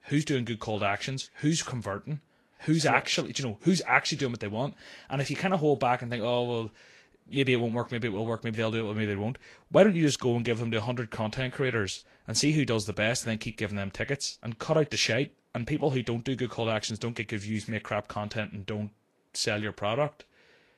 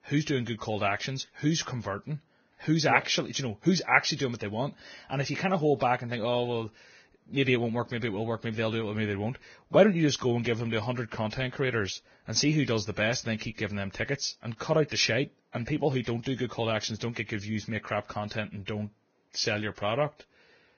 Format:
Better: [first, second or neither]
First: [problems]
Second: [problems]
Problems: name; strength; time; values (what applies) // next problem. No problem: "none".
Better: first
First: garbled, watery; slightly; nothing above 11.5 kHz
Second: garbled, watery; badly; nothing above 6.5 kHz